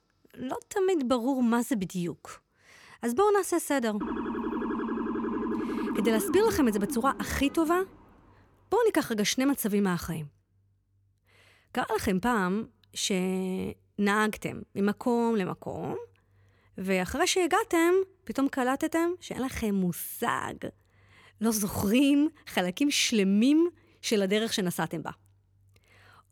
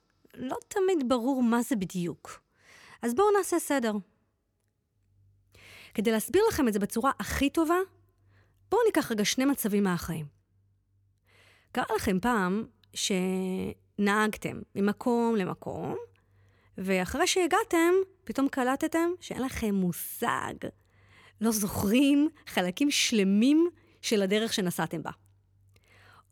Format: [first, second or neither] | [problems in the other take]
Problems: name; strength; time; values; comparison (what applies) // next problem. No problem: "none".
second | siren; noticeable; from 4 to 8 s; peak 3 dB below the speech